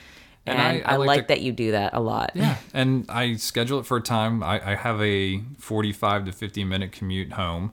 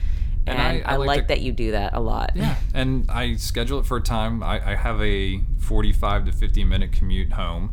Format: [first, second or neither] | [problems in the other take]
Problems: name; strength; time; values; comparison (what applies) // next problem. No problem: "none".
first | low rumble; faint; throughout; 20 dB below the speech